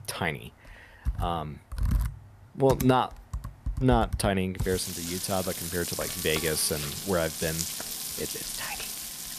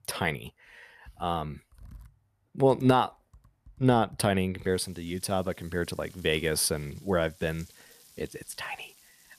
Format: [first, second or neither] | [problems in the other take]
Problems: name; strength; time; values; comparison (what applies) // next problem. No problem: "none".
second | household noises; loud; throughout; 5 dB below the speech; faint in the second